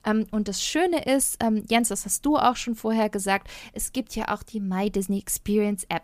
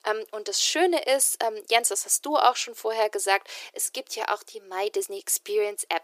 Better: first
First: none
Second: thin; very; fading below 350 Hz

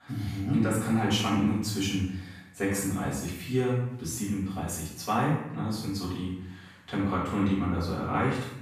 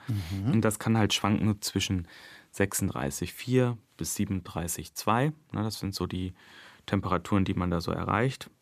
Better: second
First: off-mic speech; far // room echo; strong; dies away in 0.7 s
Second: none

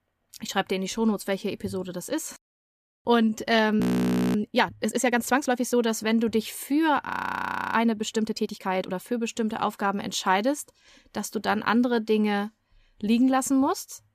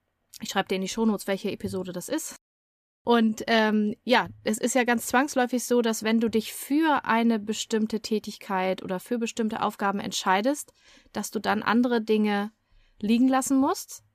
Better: second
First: audio freezing; at 4 s for 0.5 s and at 7 s for 0.5 s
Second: none

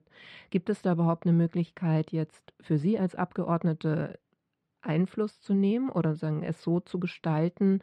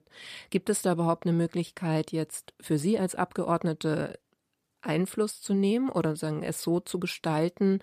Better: second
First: muffled; slightly; fading above 3 kHz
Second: none

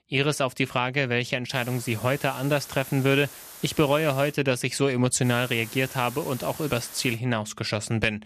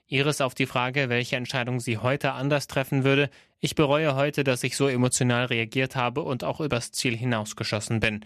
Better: second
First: hiss; noticeable; from 1.5 to 4.5 s and from 5 to 7 s; 15 dB below the speech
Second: none

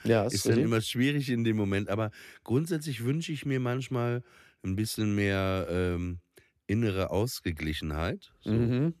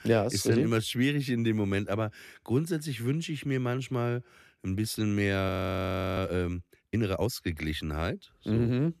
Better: first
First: none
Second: audio freezing; at 5.5 s for 0.5 s

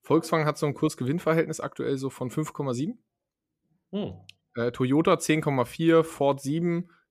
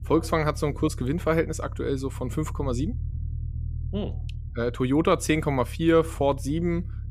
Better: first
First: none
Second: low rumble; faint; throughout; 25 dB below the speech

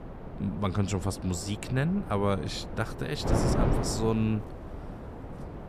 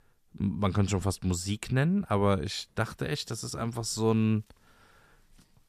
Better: second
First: wind noise on the microphone; heavy; 4 dB below the speech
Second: none

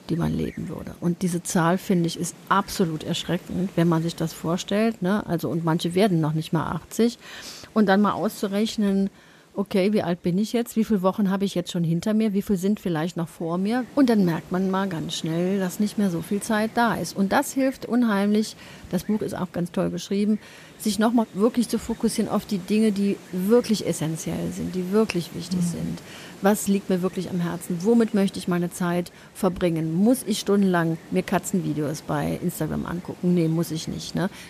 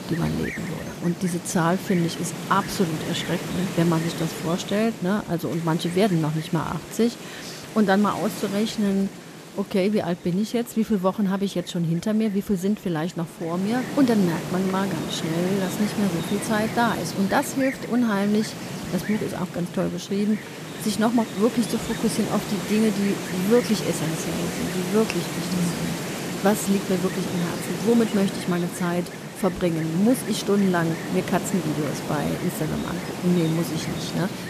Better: first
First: wind noise on the microphone; occasional gusts; 20 dB below the speech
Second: wind noise on the microphone; heavy; 6 dB below the speech

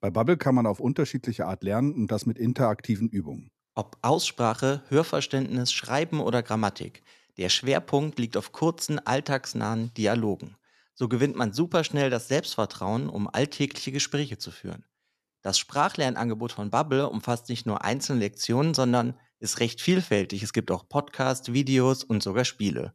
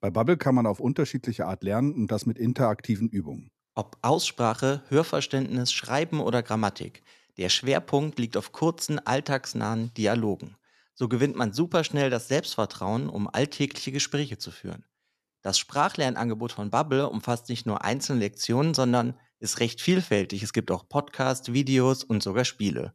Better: neither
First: none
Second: none

